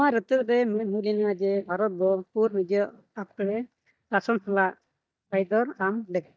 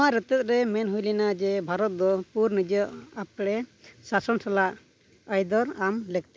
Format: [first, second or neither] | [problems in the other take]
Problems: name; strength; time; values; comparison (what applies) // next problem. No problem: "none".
second | noise reduction (neural mask model DeepFilterNet 3)